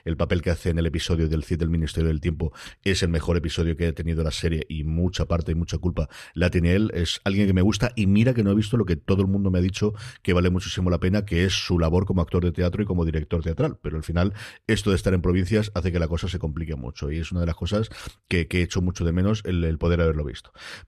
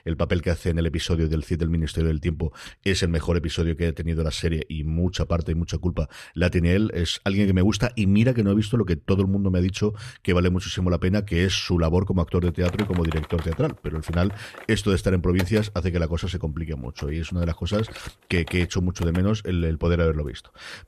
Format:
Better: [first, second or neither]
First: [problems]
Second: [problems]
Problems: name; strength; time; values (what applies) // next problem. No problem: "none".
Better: first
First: none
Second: keyboard typing; faint; from 12 to 19 s; peak 10 dB below the speech